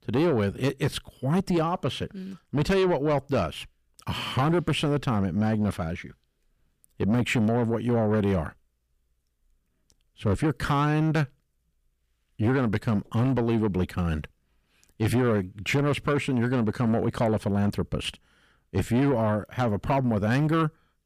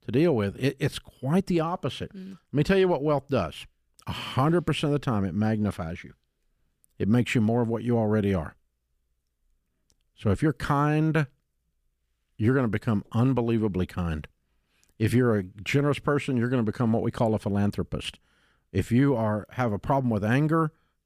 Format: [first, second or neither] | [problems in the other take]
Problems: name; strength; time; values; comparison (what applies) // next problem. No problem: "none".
second | distortion; slight; 10 dB below the speech